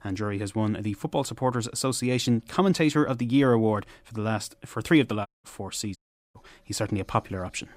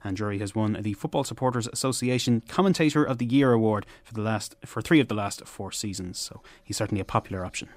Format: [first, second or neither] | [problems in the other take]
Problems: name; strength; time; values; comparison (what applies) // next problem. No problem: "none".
second | audio cutting out; at 5.5 s and at 6 s